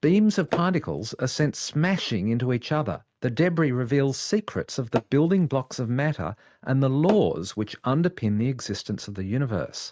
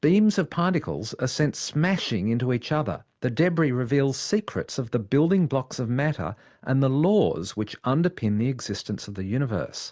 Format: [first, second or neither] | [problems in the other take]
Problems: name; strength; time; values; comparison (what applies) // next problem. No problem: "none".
second | noise reduction (neural mask model RNNoise)